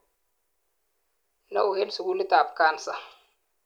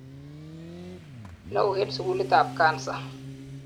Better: first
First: none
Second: background sound (Motorcycle); 11 dB below the speech

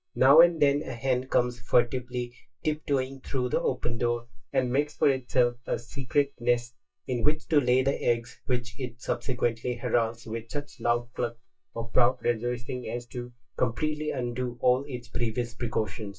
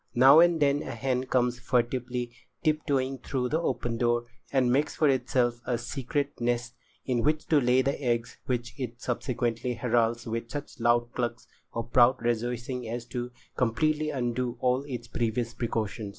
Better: second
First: noise reduction (neural mask model DeepFilterNet 3)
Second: none

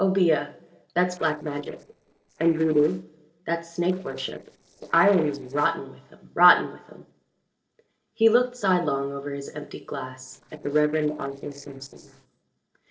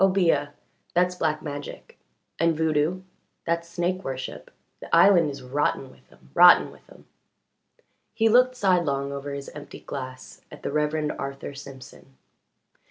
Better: second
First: noise reduction (neural separator model SepFormer DNS4)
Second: none

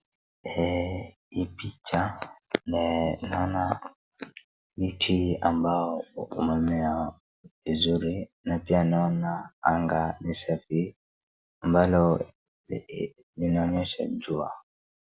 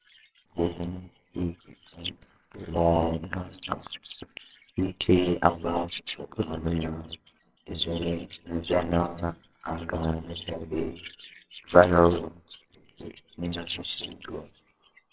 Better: first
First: none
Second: noise reduction (neural separator model SepFormer WHAMR!)

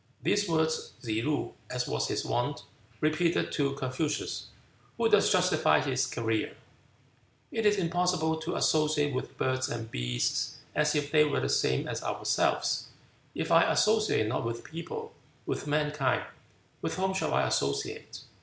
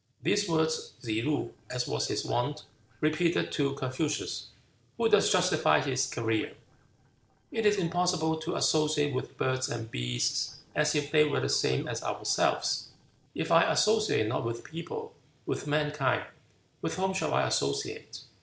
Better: first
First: none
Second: noise reduction (neural separator model SepFormer DNS4)

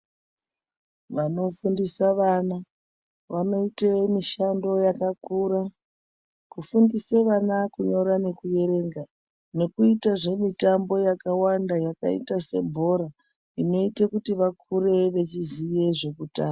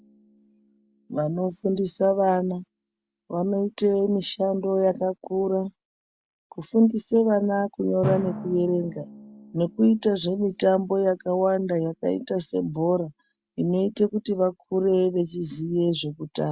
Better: first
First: none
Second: background sound (Drum); 18 dB below the speech

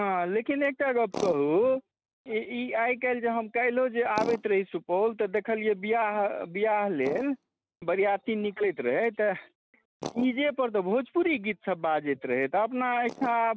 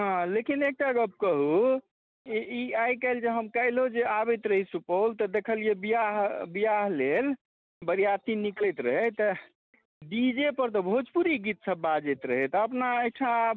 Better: second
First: noise reduction (neural mask model RNNoise)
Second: none

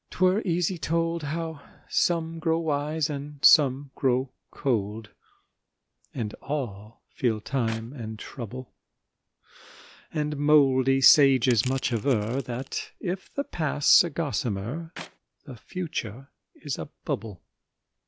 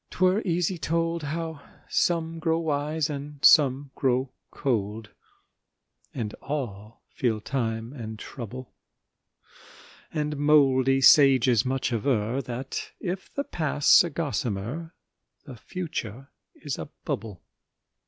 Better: second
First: background sound (Crushing + Clapping); 17 dB below the speech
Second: none

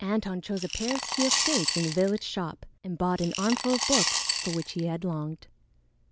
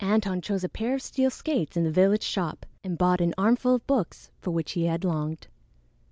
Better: second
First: background sound (Coin (dropping) / Glass); 1 dB below the speech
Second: none

